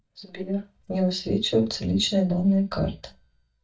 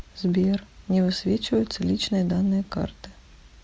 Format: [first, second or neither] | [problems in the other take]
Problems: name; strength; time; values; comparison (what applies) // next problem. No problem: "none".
second | noise reduction (neural mask model DeepFilterNet 3)